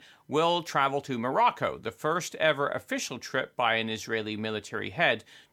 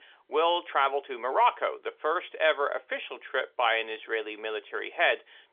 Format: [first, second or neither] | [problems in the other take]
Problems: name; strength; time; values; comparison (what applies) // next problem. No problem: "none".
first | phone-call audio; nothing above 3.5 kHz